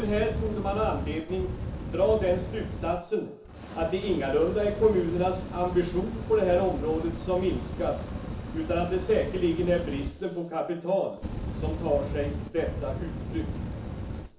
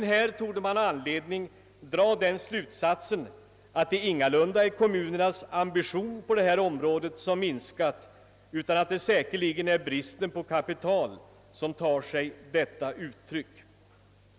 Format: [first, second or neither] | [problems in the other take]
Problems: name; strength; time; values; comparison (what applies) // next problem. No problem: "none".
second | background sound (Fire); 6 dB below the speech // room echo; dies away in 0.7 s